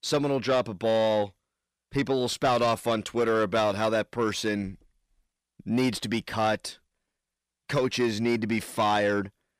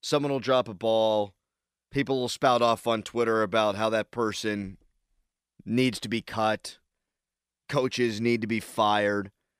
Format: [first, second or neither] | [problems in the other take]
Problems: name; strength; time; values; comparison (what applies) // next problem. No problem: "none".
second | distortion; slight; 10 dB below the speech